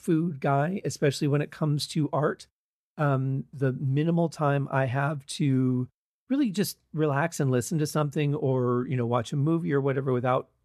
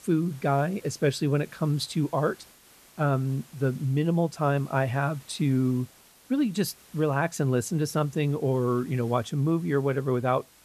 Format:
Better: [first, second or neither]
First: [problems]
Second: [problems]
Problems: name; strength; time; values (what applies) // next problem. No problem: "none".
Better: first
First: none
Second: hiss; faint; throughout; 25 dB below the speech